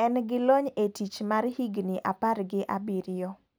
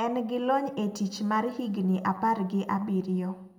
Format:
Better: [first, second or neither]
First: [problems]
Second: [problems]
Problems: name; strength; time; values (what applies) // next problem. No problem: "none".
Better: first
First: none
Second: room echo; dies away in 1.7 s